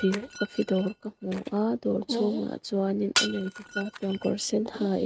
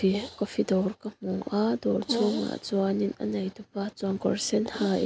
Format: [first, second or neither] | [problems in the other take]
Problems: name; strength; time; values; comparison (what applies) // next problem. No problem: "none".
second | noise reduction (neural mask model RNNoise)